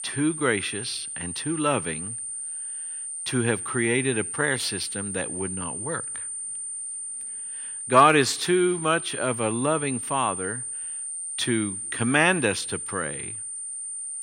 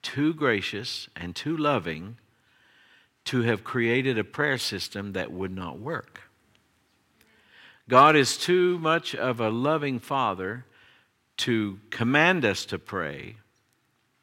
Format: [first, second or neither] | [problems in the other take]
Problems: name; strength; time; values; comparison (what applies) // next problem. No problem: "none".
second | high-pitched whine; loud; throughout; 9 kHz, 6 dB below the speech